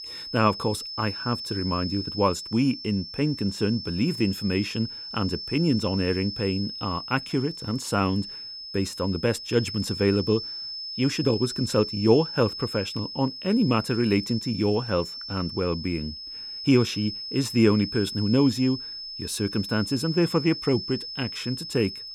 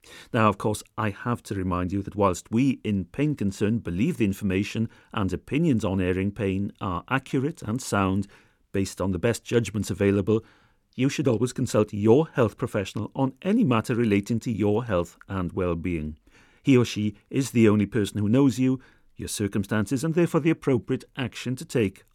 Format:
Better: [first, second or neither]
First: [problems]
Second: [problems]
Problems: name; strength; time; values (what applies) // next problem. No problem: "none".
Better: second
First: high-pitched whine; loud; throughout; 5 kHz, 8 dB below the speech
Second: none